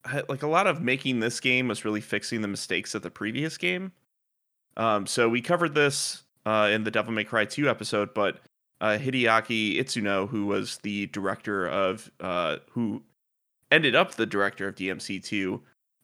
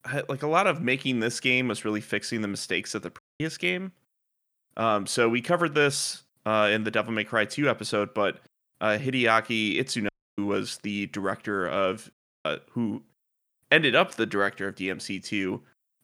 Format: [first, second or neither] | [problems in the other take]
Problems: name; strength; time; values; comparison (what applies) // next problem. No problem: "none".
first | audio cutting out; at 3 s, at 10 s and at 12 s